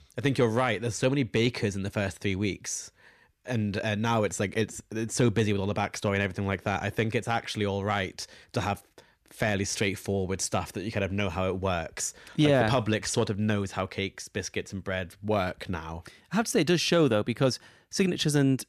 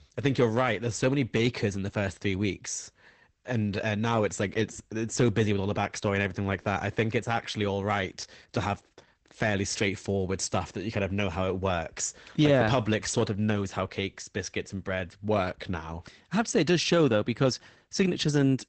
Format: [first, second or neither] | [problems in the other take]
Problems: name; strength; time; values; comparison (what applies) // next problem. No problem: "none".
first | garbled, watery; badly; nothing above 8 kHz